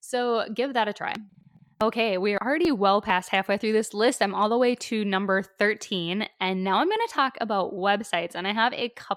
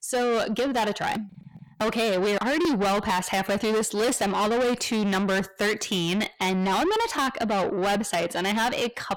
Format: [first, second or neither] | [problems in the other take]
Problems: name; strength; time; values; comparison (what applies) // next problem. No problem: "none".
first | distortion; heavy; 6 dB below the speech